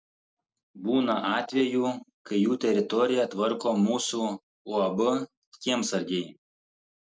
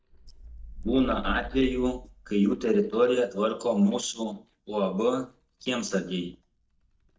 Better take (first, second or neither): first